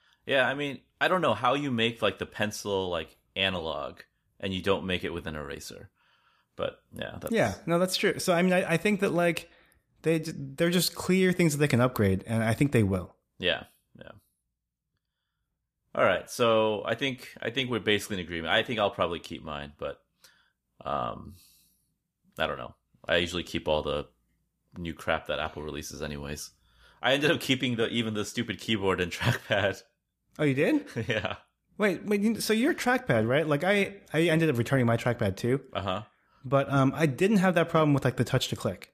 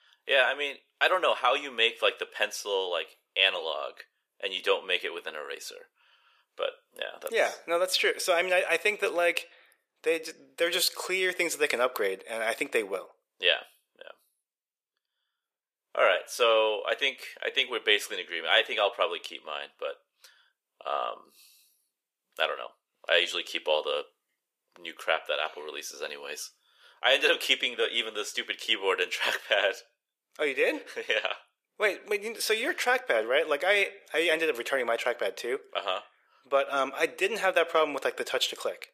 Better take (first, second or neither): first